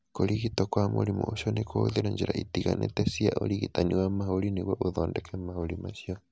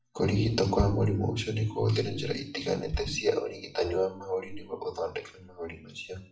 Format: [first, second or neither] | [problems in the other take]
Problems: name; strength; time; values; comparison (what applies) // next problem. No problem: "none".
first | noise reduction (classical method WPE with log-MMSE)